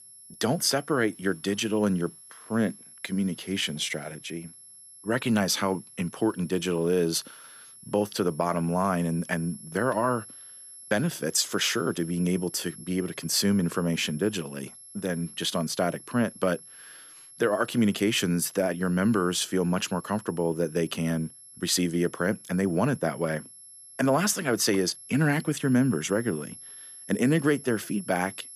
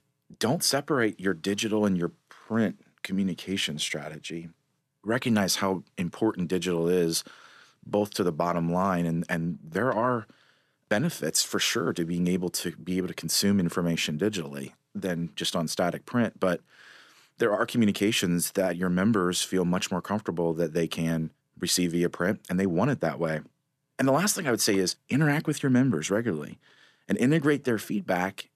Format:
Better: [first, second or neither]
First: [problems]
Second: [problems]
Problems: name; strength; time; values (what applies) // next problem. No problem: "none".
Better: second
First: high-pitched whine; noticeable; throughout; 11 kHz, 20 dB below the speech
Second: none